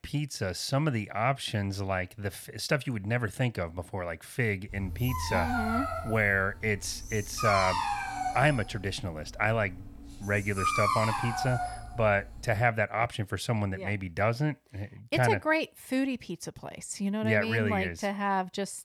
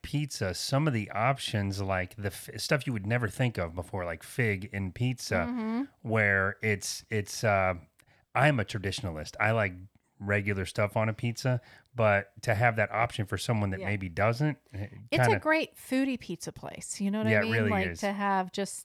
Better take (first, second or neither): second